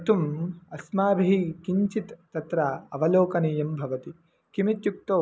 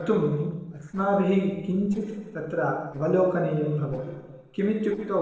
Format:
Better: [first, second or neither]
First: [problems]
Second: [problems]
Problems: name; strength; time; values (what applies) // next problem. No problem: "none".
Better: first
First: none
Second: noise reduction (neural separator model SepFormer DNS4)